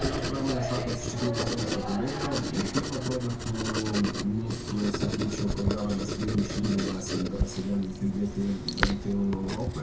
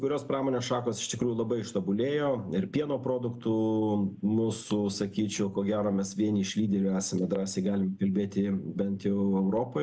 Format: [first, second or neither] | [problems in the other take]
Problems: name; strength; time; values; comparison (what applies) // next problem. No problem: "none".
second | background sound (Writing); 2 dB below the speech // room echo; dies away in 0.3 s